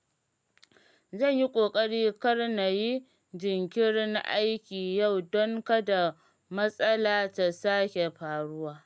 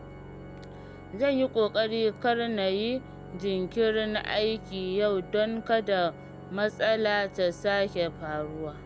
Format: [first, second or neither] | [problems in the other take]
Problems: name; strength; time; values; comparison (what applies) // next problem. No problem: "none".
first | background sound (Organ); 15 dB below the speech